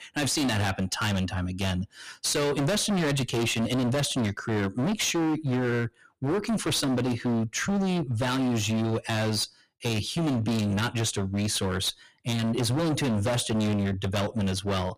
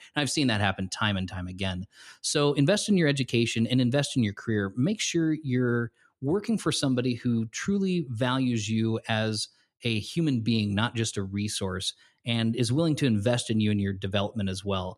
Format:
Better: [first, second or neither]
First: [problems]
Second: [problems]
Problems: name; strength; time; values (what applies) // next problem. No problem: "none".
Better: second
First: distortion; heavy; 30% of the sound clipped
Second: none